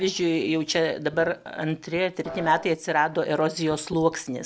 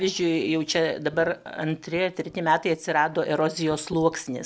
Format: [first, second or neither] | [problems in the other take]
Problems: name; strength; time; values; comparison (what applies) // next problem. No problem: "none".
second | background sound (Piano); 11 dB below the speech